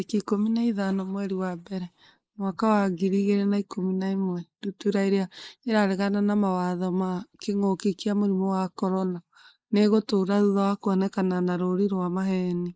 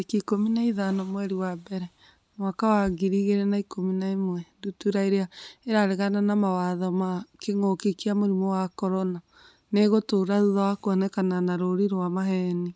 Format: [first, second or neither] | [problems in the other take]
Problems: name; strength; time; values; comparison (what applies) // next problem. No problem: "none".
second | noise reduction (neural mask model Resemble Enhance denoiser)